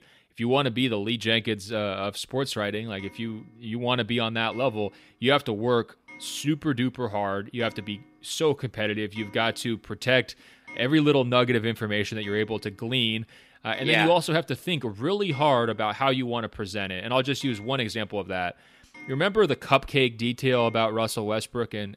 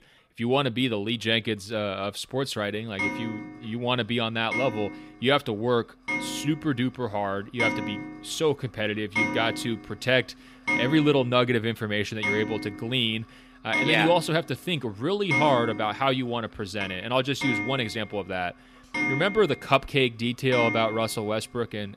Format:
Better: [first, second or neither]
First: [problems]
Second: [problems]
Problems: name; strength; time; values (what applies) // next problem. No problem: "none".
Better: first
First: household noises; faint; throughout; 20 dB below the speech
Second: household noises; loud; throughout; 4 dB below the speech